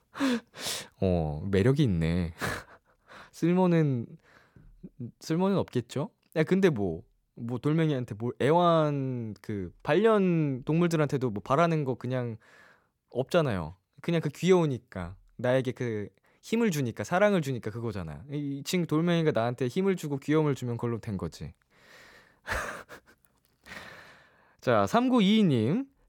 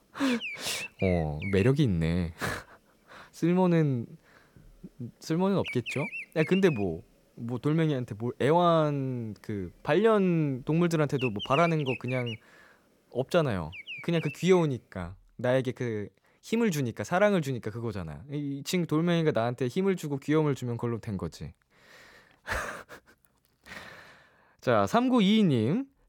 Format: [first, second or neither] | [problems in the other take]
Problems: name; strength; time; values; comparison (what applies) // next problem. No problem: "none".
first | animal sounds; noticeable; throughout; 10 dB below the speech